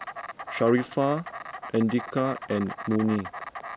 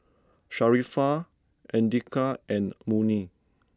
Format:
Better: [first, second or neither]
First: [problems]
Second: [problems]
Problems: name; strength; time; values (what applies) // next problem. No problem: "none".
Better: second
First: background sound (Insect); 11 dB below the speech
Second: none